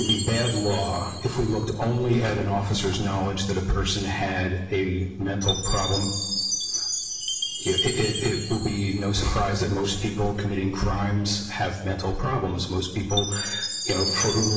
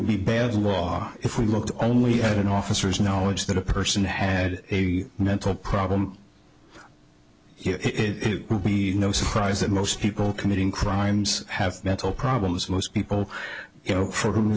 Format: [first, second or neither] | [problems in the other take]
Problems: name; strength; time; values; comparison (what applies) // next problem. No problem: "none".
second | background sound (Chime); 7 dB below the speech // room echo; dies away in 1.2 s